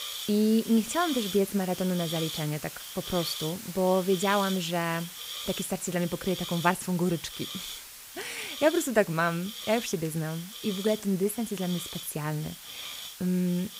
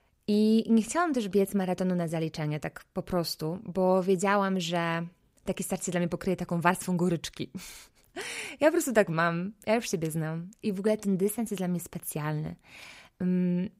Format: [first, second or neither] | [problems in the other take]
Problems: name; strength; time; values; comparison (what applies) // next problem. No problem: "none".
second | hiss; loud; throughout; 9 dB below the speech